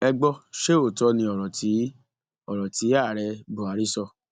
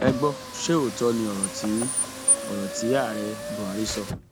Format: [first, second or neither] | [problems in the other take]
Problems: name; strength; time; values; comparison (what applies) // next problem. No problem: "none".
first | background sound (Car); 2 dB below the speech